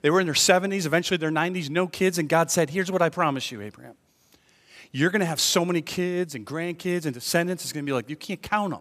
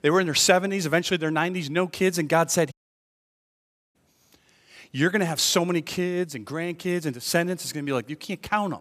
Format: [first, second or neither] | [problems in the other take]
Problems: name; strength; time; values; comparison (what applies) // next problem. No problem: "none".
first | audio cutting out; at 2.5 s for 1 s